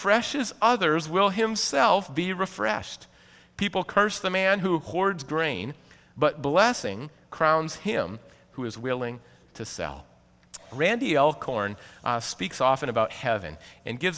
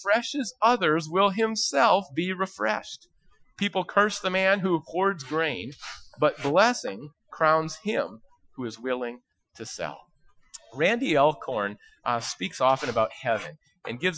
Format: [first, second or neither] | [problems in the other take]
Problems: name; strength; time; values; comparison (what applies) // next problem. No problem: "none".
first | noise reduction (classical method Wiener filter)